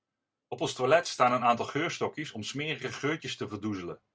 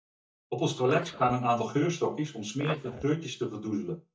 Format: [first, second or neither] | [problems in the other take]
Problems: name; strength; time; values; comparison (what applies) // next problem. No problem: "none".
first | noise reduction (neural mask model DeepFilterNet 3)